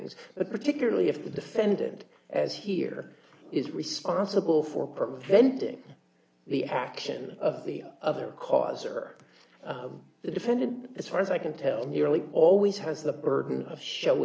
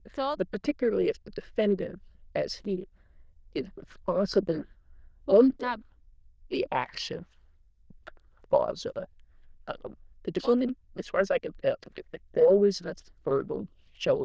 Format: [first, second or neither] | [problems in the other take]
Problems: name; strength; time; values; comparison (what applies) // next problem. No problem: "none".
first | noise reduction (neural diffusion model UNIVERSE++)